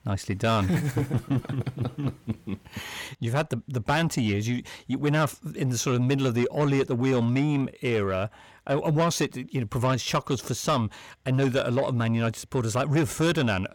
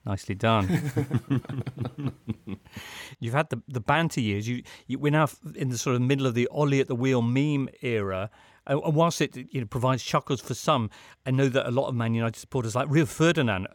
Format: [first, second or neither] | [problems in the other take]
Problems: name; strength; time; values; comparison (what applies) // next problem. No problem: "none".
second | distortion; slight; 10 dB below the speech